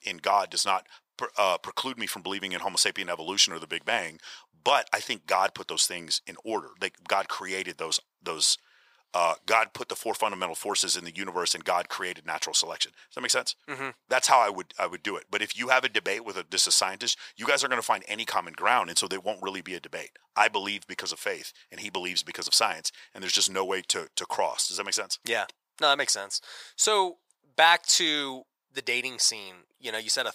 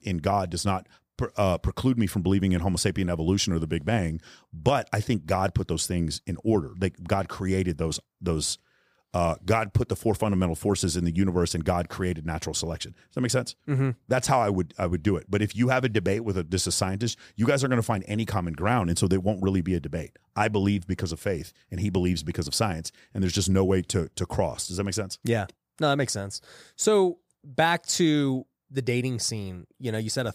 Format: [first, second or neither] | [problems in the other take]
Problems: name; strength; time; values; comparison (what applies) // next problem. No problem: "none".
second | thin; very; fading below 700 Hz